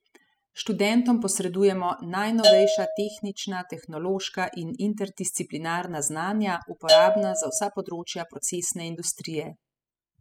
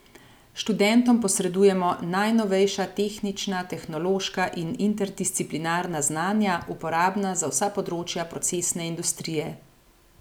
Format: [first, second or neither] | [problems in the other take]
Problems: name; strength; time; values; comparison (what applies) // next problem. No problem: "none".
second | noise reduction (classical method spectral subtraction)